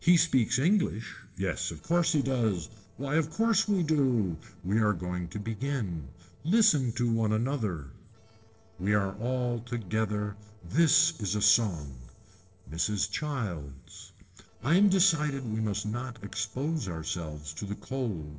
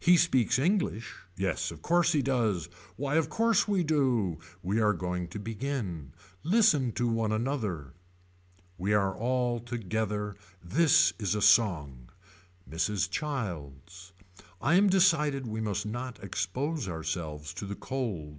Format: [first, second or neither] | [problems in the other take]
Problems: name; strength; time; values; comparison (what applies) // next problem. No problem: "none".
second | noise reduction (neural separator model SepFormer DNS4)